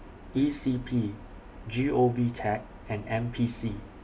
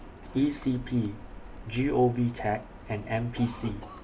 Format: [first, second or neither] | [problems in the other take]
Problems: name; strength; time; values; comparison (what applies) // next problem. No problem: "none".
first | background sound (Cough + Typing); 18 dB below the speech